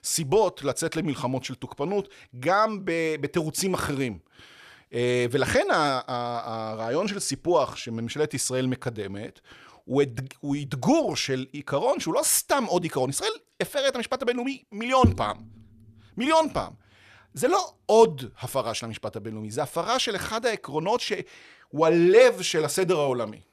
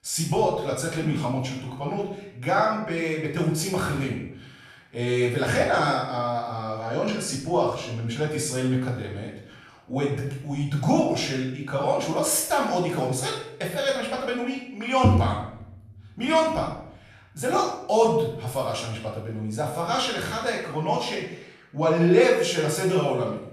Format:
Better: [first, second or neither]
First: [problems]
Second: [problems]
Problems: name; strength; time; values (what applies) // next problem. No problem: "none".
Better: first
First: none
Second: off-mic speech; far // room echo; noticeable; dies away in 0.6 s